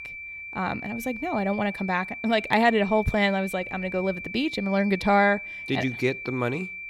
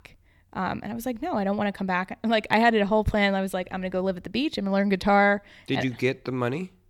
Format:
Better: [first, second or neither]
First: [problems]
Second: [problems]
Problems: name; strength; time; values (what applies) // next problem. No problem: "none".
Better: second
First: high-pitched whine; loud; throughout; 2.5 kHz, 10 dB below the speech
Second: none